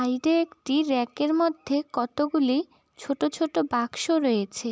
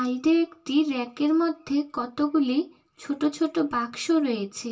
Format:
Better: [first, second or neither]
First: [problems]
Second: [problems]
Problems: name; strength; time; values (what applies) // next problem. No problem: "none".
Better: first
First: none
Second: room echo; dies away in 0.2 s